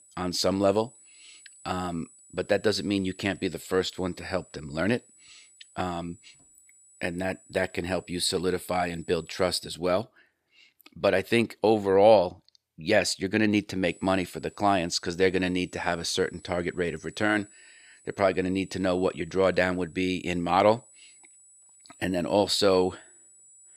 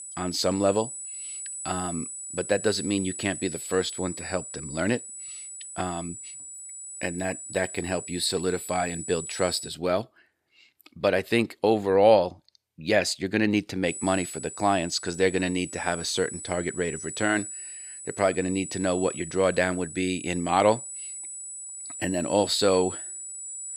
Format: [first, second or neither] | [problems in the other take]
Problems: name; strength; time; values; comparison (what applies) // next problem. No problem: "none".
first | high-pitched whine; loud; until 9.5 s and from 14 s on; 8 kHz, 9 dB below the speech; faint in the first